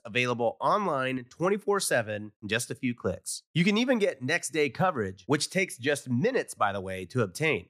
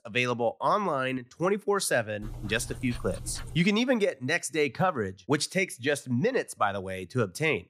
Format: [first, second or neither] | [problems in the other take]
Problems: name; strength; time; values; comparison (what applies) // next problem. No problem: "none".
first | dog barking; faint; from 2 to 3.5 s; peak 10 dB below the speech